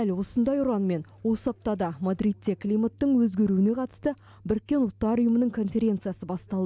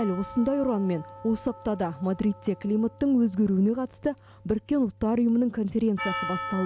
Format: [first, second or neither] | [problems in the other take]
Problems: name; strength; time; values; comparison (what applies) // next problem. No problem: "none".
first | background sound (Percussion); 14 dB below the speech